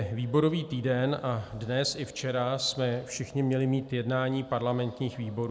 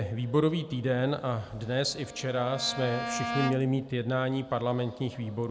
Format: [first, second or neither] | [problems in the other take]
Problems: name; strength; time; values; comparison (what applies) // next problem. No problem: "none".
first | background sound (Bowed string instrument); 9 dB below the speech